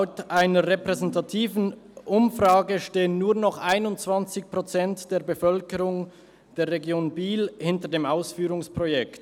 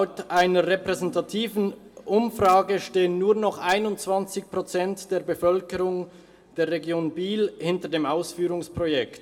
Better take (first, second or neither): first